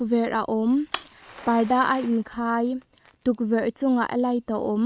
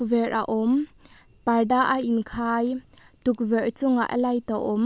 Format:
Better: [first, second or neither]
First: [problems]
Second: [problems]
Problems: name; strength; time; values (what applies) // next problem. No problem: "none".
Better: second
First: noise reduction (neural mask model RNNoise)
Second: none